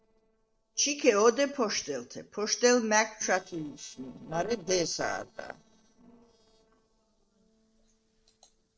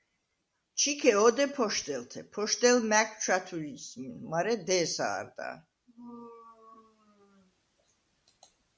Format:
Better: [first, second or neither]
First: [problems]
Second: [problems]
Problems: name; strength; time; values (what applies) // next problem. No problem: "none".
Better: second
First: noise reduction (neural separator model SepFormer DNS4)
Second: none